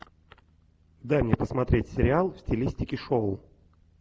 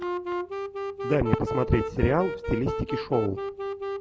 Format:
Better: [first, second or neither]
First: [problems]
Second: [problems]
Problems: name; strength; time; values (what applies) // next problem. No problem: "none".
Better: first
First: none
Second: background sound (Wind instrument, woodwind instrument); 4 dB below the speech